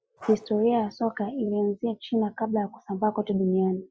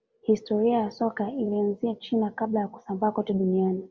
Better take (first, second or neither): second